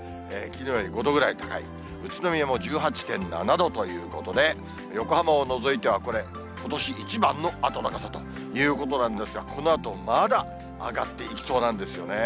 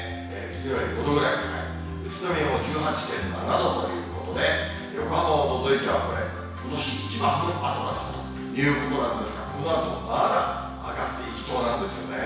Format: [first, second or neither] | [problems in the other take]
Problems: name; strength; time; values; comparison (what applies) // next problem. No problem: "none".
first | room echo; dies away in 1.1 s